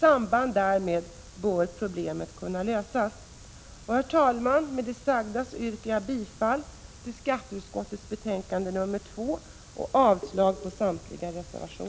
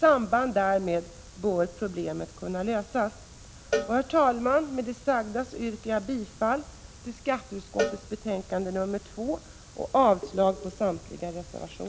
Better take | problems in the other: first | background sound (Cowbell); 10 dB below the speech

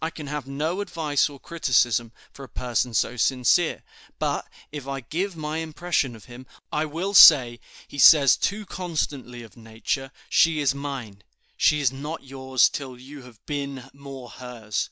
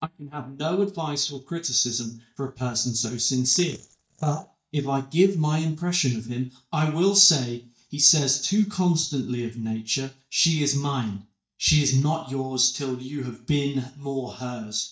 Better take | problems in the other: first | noise reduction (neural mask model DeepFilterNet 3)

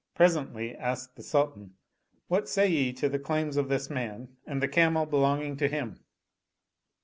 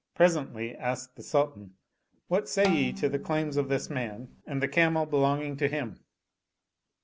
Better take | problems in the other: first | background sound (Bowed string instrument); 9 dB below the speech

